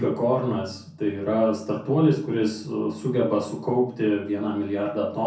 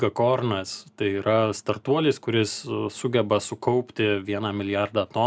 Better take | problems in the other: second | room echo; dies away in 0.5 s

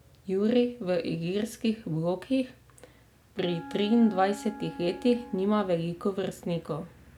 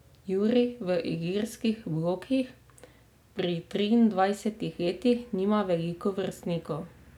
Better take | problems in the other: second | background sound (Wind instrument, woodwind instrument); 16 dB below the speech

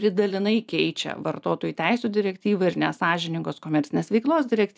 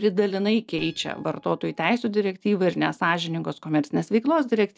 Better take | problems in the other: first | noise reduction (neural separator model SepFormer DNS4)

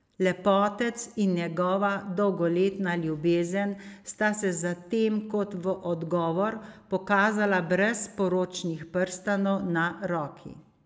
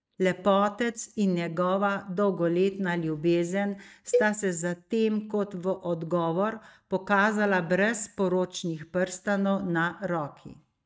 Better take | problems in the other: first | noise reduction (neural mask model DeepFilterNet 3)

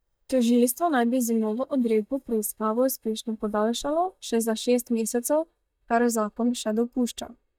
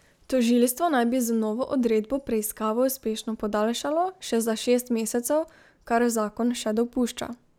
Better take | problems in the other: second | noise reduction (neural mask model DeepFilterNet 3)

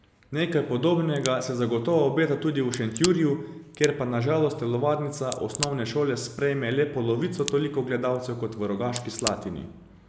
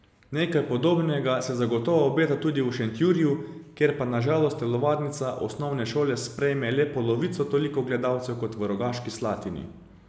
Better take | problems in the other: second | background sound (Crack); 13 dB below the speech

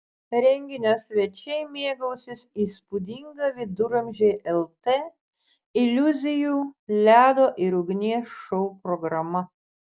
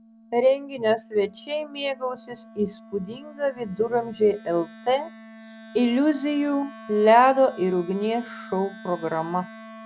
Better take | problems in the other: first | background sound (Wind instrument, woodwind instrument); 20 dB below the speech

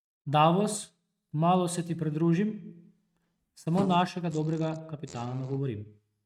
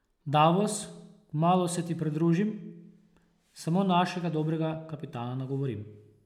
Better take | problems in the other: second | noise reduction (neural mask model RNNoise)

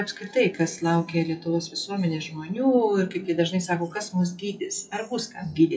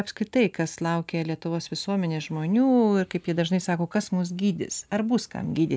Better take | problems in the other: second | noise reduction (classical method WPE with log-MMSE)

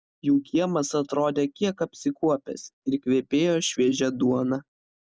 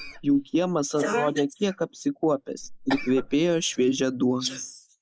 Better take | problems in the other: first | noise reduction (neural mask model Resemble Enhance denoiser)

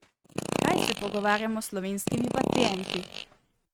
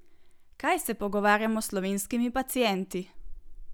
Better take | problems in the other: second | noise reduction (neural mask model RNNoise)

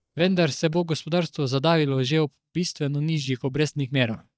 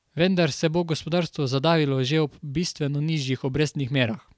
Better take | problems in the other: second | noise reduction (neural mask model DeepFilterNet 3)

